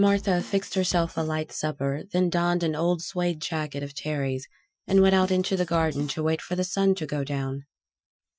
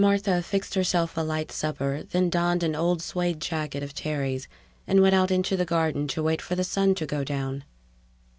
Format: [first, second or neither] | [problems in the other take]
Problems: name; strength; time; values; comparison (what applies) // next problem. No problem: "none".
second | noise reduction (classical method Wiener filter)